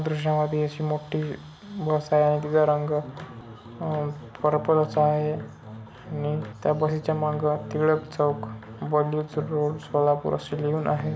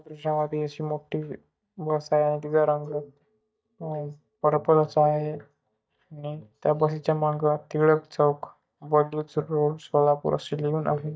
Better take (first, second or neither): first